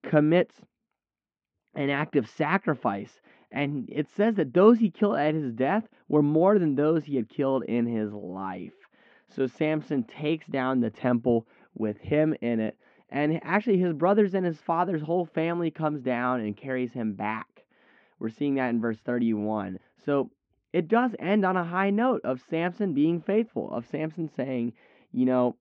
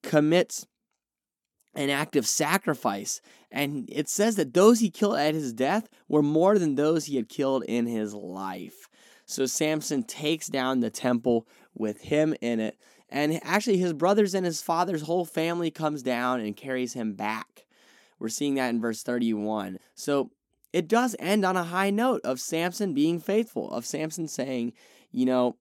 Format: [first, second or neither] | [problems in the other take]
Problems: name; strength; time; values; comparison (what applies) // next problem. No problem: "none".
second | muffled; very; fading above 2.5 kHz